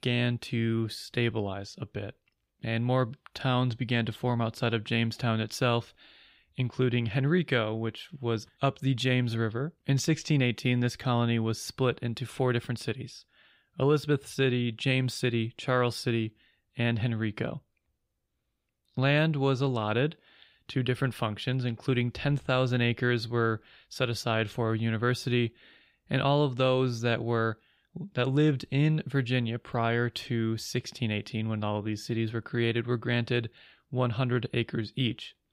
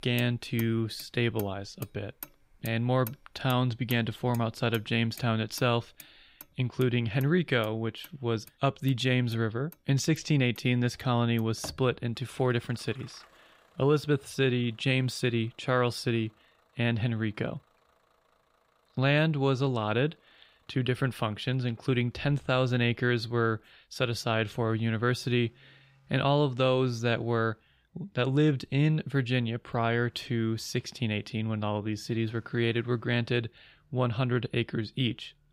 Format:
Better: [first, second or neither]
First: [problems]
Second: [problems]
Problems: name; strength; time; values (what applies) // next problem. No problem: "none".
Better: first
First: none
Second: traffic noise; faint; throughout; 25 dB below the speech